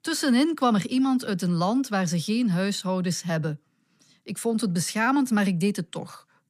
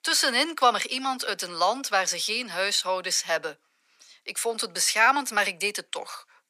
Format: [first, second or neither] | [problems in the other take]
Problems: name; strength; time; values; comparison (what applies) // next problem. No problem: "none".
first | thin; very; fading below 550 Hz